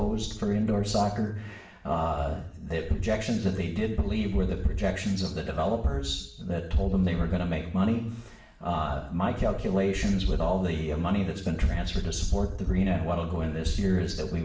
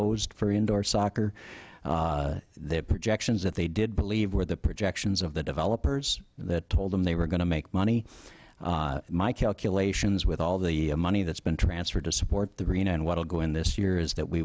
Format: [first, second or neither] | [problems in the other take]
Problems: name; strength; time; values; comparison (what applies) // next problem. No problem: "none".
second | room echo; dies away in 0.7 s